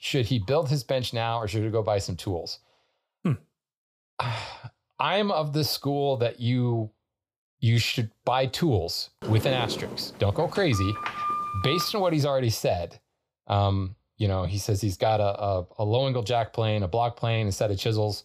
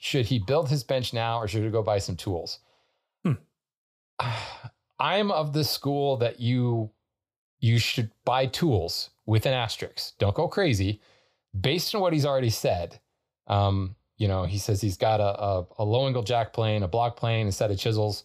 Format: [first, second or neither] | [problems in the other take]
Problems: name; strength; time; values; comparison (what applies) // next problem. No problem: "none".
second | door banging; noticeable; from 9 to 12 s; peak 2 dB below the speech